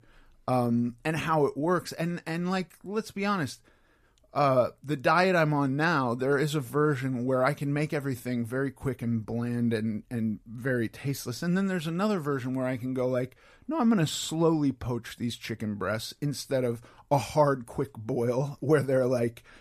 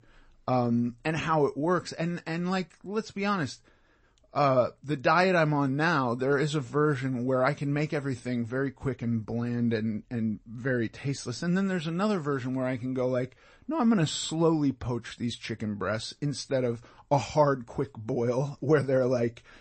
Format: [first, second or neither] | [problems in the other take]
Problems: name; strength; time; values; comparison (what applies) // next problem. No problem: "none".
first | garbled, watery; slightly; nothing above 8 kHz